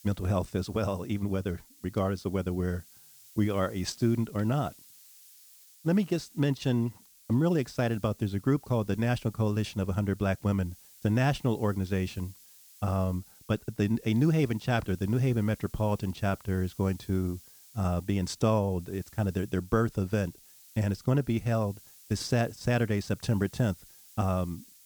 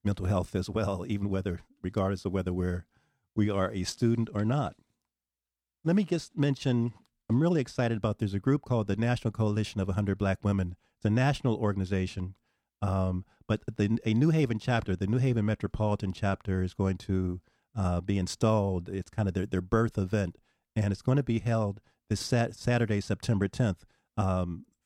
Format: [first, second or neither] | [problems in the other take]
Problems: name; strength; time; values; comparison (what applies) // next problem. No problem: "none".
second | hiss; faint; throughout; 25 dB below the speech